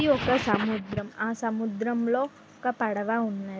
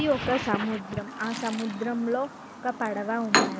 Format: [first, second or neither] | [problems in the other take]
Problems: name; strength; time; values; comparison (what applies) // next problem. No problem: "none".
first | background sound (Chirp, tweet); 4 dB below the speech